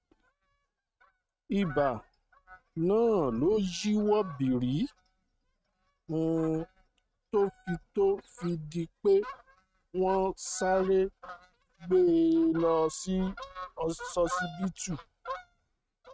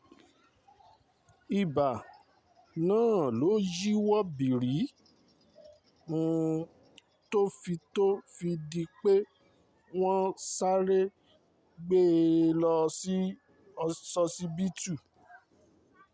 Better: second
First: noise reduction (neural mask model RNNoise)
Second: none

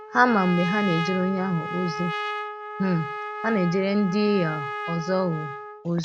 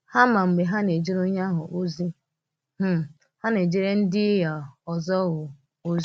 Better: second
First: background sound (Trumpet); 7 dB below the speech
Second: none

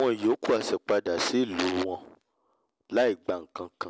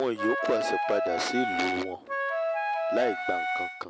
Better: first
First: none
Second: background sound (Wind instrument, woodwind instrument); 2 dB above the speech

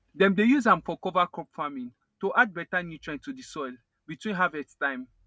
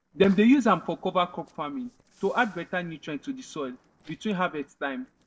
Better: first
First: none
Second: noise reduction (neural separator model SepFormer DNS4)

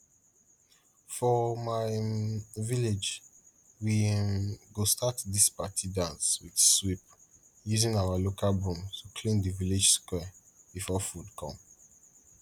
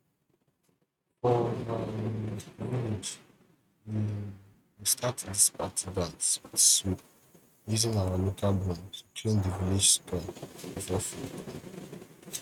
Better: first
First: none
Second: noise reduction (neural mask model RNNoise)

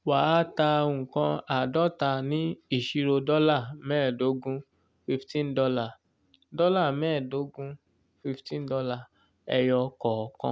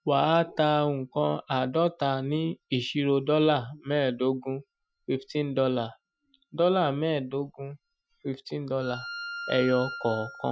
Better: first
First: none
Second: noise reduction (classical method Wiener filter)

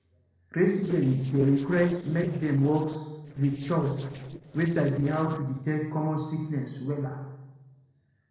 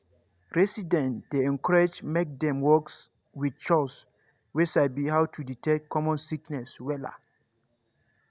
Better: second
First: noise reduction (neural separator model SepFormer DNS4)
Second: none

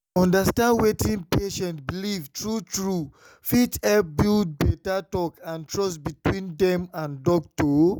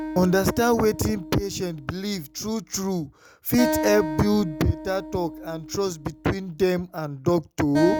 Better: first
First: none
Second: background sound (Acoustic guitar); 8 dB below the speech

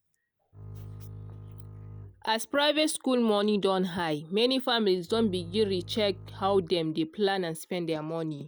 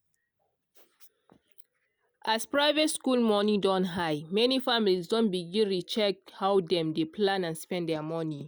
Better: second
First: background sound (Bowed string instrument); 15 dB below the speech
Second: none

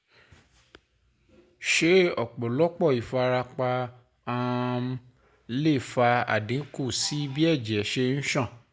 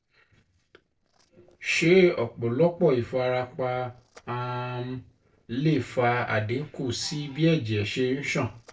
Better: first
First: none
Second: noise reduction (neural separator model SepFormer DNS4)

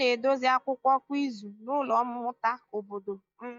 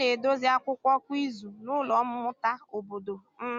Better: second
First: noise reduction (neural mask model DeepFilterNet 3)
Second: none

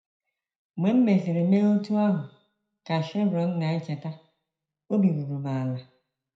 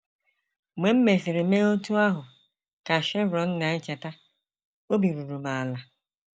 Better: second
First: room echo; dies away in 0.4 s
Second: none

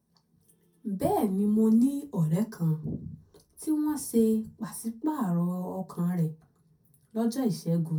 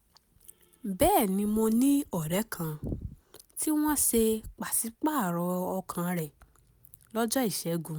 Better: second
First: room echo; dies away in 0.2 s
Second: none

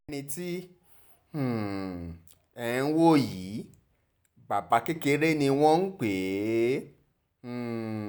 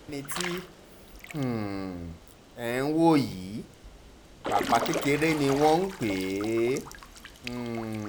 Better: first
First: none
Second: background sound (Drip / Trickle, dribble / Water / Splash, splatter); 10 dB below the speech

